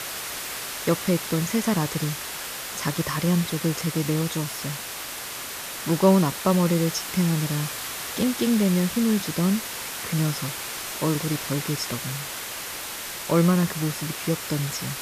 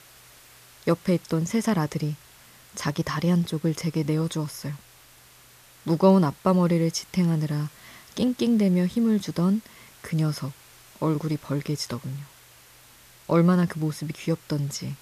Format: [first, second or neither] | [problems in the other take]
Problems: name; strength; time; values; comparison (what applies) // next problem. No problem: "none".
second | hiss; loud; throughout; 6 dB below the speech; faint in the second